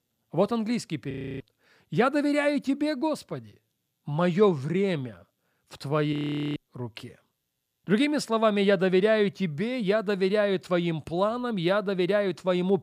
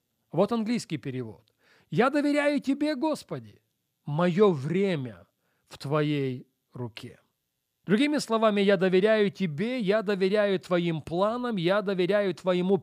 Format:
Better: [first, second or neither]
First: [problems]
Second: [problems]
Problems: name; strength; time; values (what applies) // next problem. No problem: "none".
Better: second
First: audio freezing; at 1 s and at 6 s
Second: none